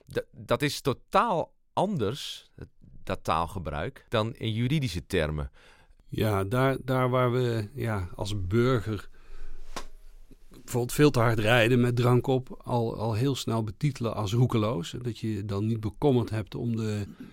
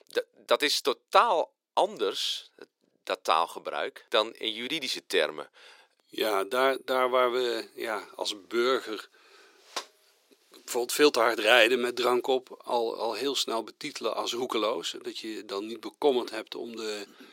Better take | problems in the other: first | thin; very; fading below 350 Hz

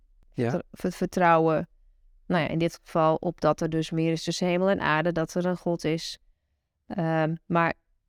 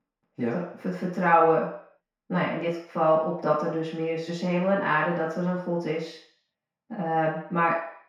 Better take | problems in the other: first | room echo; noticeable; dies away in 0.6 s // off-mic speech; far

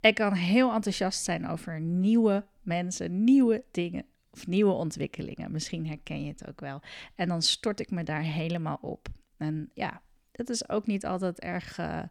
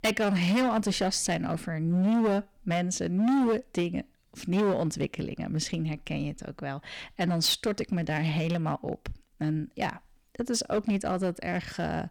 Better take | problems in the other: first | distortion; heavy; 10% of the sound clipped

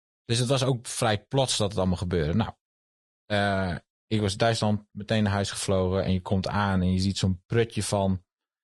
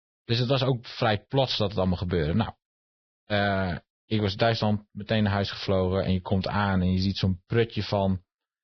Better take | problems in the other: first | garbled, watery; badly; nothing above 5.5 kHz; slightly in the first

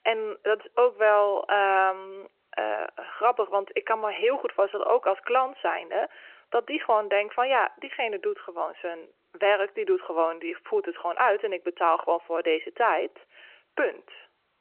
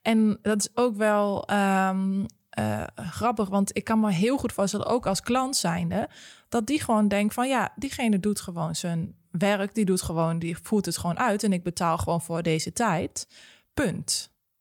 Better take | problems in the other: second | phone-call audio

